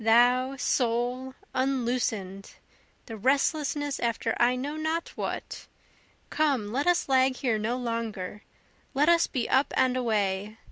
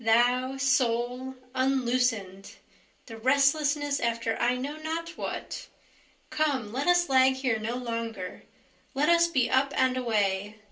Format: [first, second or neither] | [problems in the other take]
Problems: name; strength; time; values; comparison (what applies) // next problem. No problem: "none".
first | room echo; dies away in 0.3 s